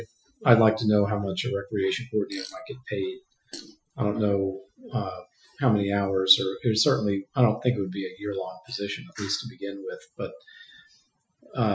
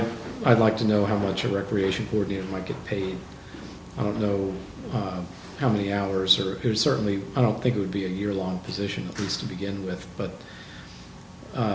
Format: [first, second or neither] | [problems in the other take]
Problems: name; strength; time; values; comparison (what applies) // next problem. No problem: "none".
second | noise reduction (classical method Wiener filter)